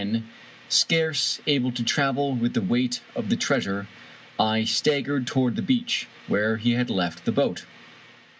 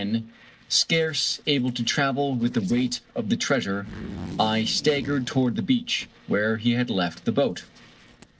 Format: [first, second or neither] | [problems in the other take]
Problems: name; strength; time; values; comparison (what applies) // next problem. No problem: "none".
first | noise reduction (neural separator model SepFormer DNS4)